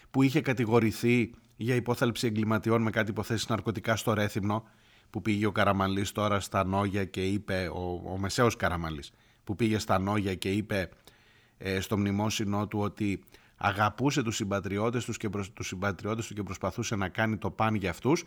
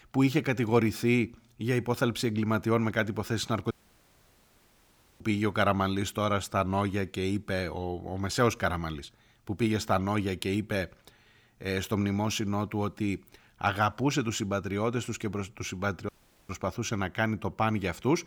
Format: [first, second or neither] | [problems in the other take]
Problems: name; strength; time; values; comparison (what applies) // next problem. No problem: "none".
first | audio cutting out; at 3.5 s for 1.5 s and at 16 s